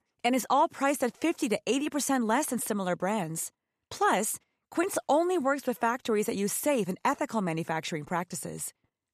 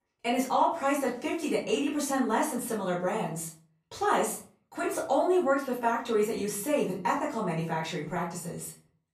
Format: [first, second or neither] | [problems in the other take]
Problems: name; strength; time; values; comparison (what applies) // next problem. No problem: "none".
first | off-mic speech; far // room echo; slight; dies away in 0.4 s